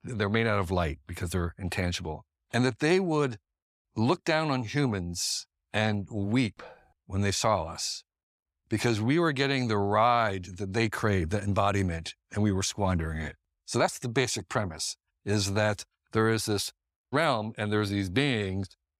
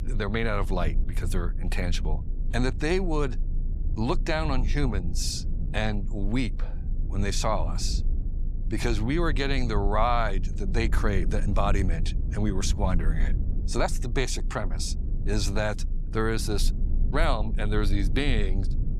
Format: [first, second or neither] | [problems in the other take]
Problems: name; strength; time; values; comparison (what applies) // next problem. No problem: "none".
first | low rumble; noticeable; throughout; 15 dB below the speech